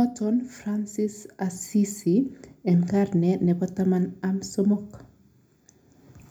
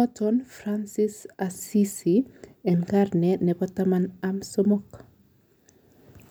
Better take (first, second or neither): second